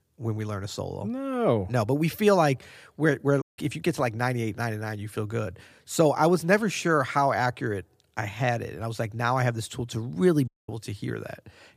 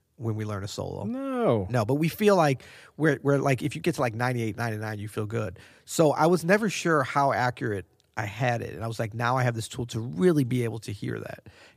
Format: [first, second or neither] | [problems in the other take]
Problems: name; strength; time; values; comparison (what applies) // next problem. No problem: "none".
second | audio cutting out; at 3.5 s and at 10 s